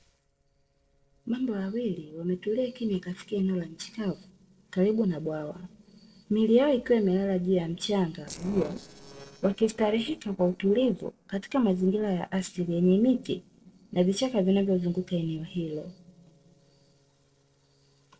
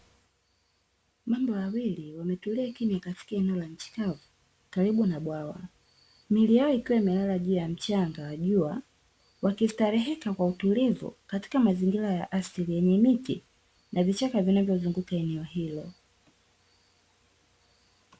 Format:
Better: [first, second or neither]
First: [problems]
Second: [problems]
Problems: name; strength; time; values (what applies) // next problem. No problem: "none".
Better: second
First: noise reduction (neural separator model SepFormer DNS4)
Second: none